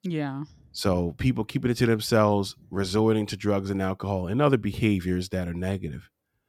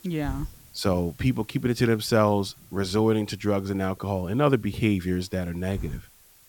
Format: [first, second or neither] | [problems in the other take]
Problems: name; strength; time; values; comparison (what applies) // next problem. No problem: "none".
first | hiss; faint; throughout; 20 dB below the speech